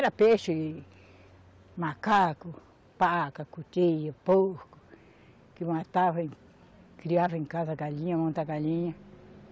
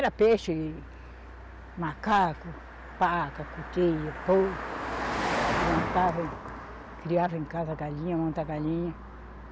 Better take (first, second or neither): first